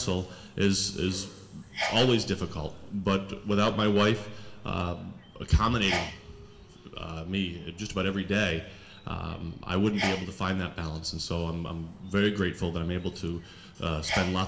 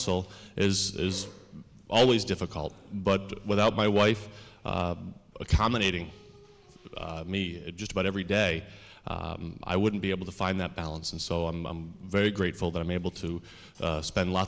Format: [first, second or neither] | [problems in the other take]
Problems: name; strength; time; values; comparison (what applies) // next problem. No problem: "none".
second | background sound (Sneeze); 13 dB below the speech // room echo; dies away in 2.7 s